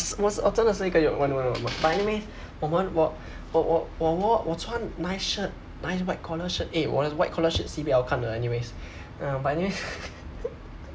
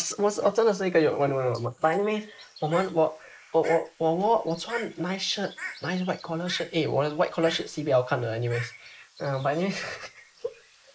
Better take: first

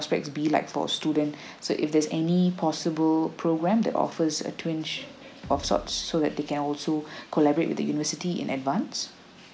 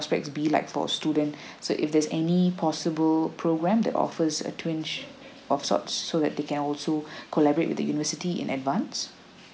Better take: second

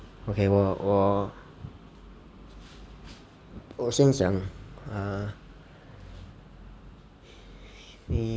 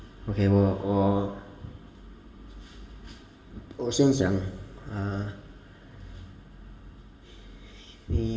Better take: first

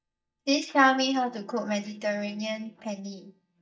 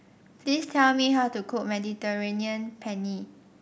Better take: second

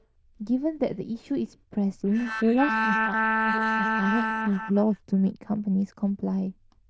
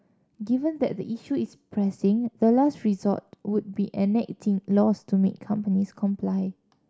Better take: second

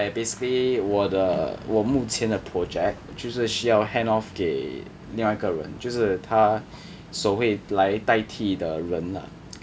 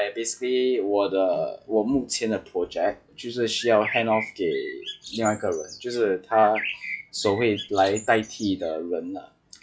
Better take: first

